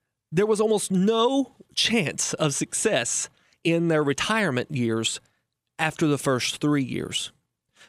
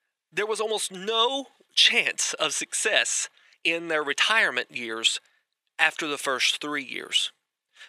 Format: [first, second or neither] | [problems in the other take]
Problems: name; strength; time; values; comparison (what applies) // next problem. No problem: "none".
first | thin; very; fading below 550 Hz